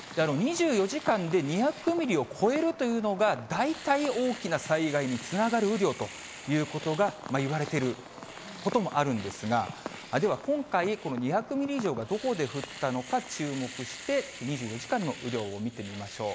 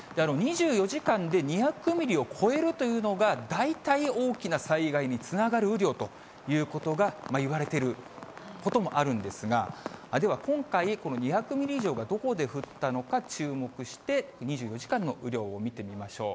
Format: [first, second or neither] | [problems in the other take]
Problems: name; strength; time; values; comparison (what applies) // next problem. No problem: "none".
second | background sound (Domestic sounds, home sounds); 17 dB below the speech